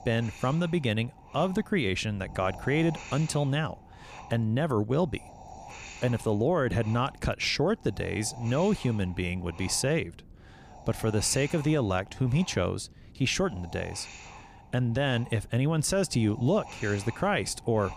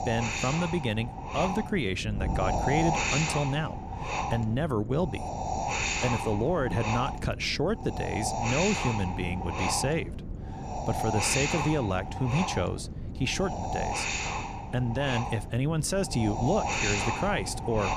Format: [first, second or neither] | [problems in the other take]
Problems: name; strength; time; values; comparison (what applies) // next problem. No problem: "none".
first | wind noise on the microphone; heavy; 1 dB above the speech; occasional gusts in the first